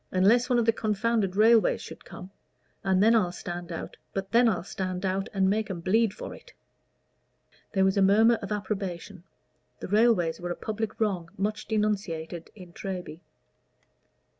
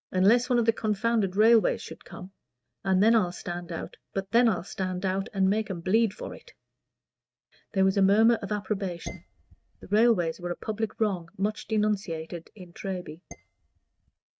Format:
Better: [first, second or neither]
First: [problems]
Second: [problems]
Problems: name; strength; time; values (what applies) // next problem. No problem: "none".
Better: first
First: none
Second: noise reduction (neural mask model RNNoise)